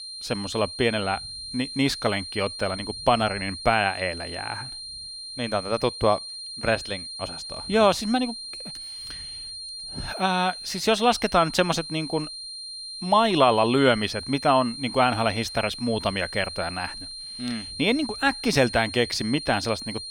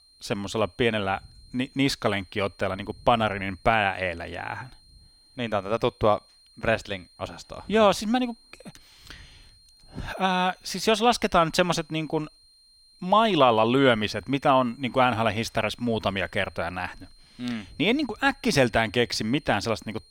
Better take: second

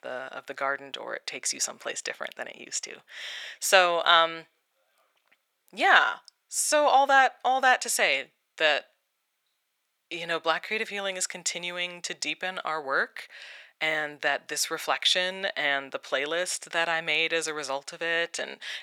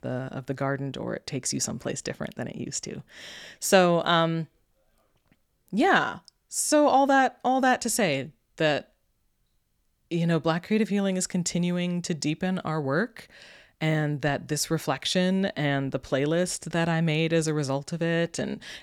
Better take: second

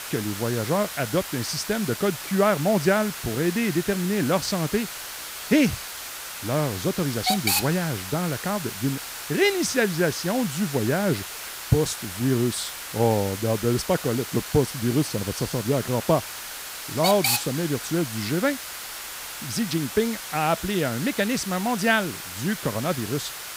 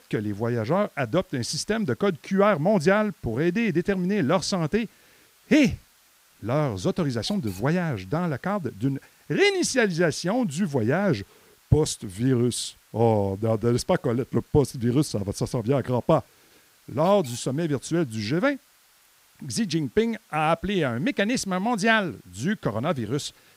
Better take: second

